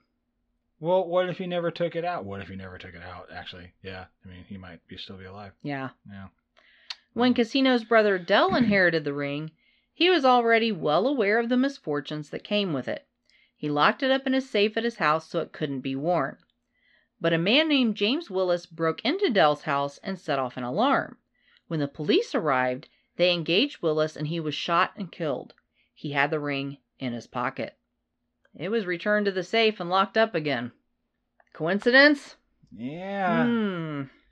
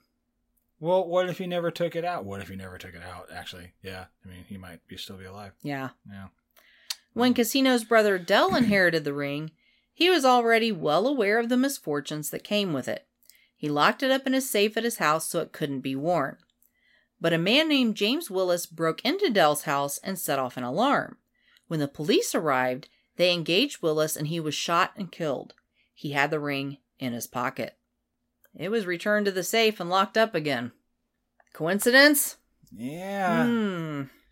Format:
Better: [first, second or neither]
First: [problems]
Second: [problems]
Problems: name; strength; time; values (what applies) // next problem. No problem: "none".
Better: second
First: muffled; very slightly; fading above 4.5 kHz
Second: none